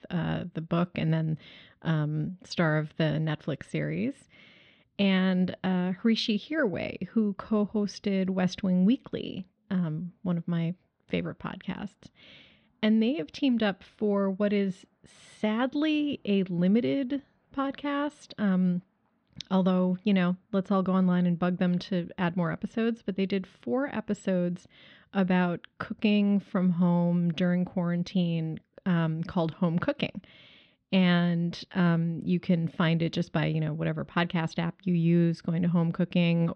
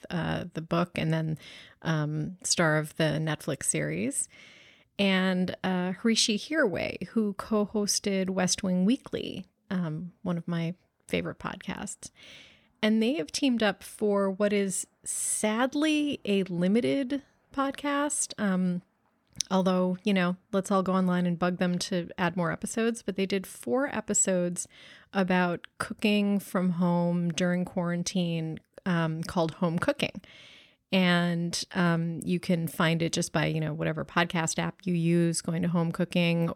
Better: second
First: muffled; slightly; fading above 4 kHz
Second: none

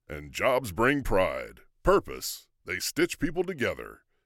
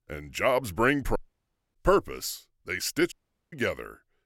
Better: first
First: none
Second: audio cutting out; at 1 s for 0.5 s and at 3 s

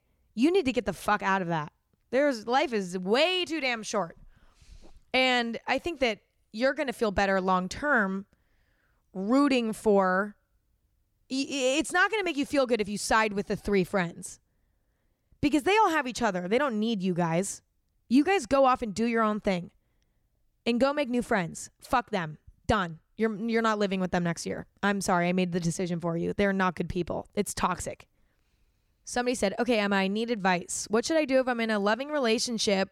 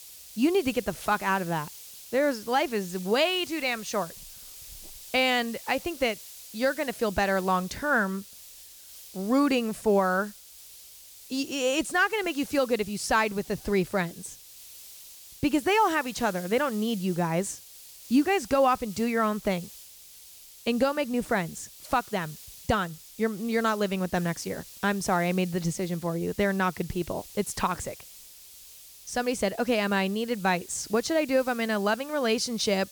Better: first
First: none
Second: hiss; noticeable; throughout; 15 dB below the speech

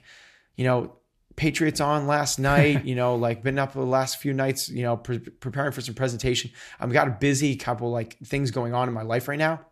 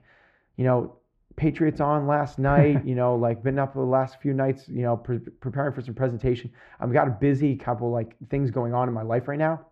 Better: first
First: none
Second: muffled; very; fading above 3.5 kHz

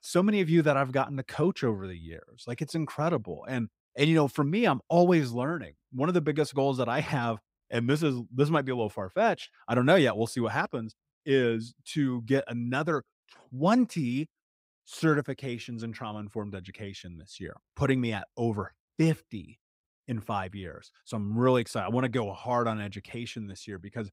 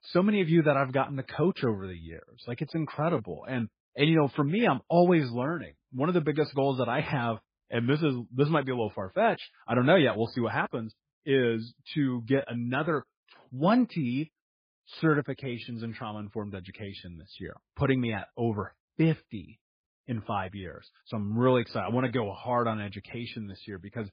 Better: first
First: none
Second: garbled, watery; badly

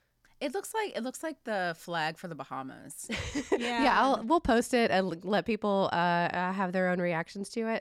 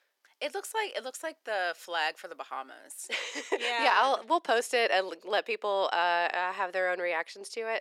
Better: first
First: none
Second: thin; very; fading below 400 Hz

